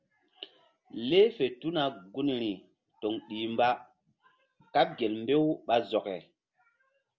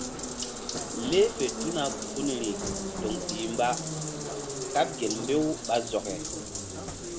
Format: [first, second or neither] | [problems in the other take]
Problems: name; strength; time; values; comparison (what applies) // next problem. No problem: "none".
first | background sound (Bathtub (filling or washing) + Subway, metro, underground); 3 dB below the speech